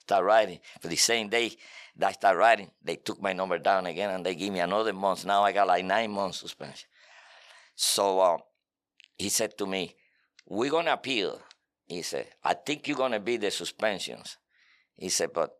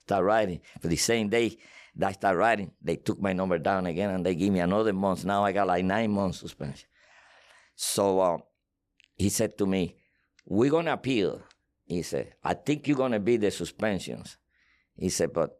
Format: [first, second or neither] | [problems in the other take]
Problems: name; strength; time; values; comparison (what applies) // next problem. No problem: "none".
second | thin; somewhat; fading below 700 Hz